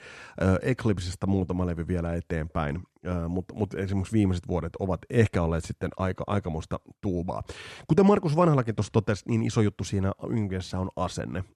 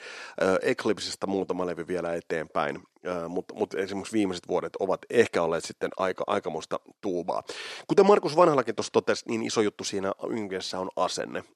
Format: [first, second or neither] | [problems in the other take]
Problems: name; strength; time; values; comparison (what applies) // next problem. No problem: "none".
first | thin; somewhat; fading below 400 Hz